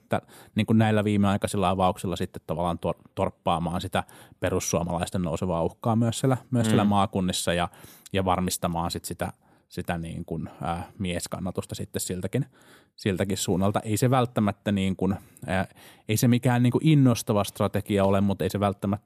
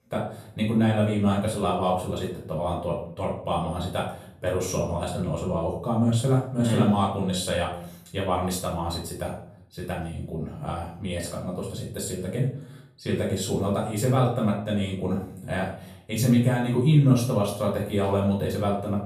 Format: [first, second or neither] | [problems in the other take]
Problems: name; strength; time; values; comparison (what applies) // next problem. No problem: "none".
first | off-mic speech; far // room echo; noticeable; dies away in 0.5 s